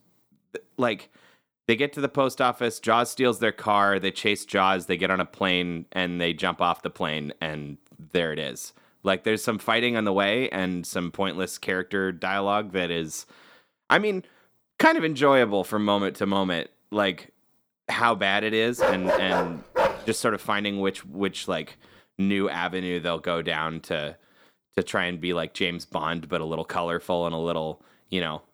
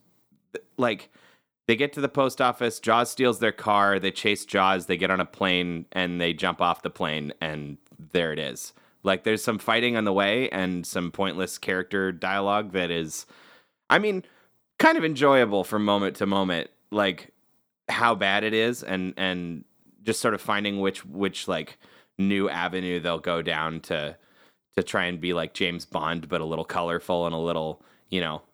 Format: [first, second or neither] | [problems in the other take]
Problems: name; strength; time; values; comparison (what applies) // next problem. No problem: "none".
second | dog barking; loud; from 19 to 20 s; peak 3 dB above the speech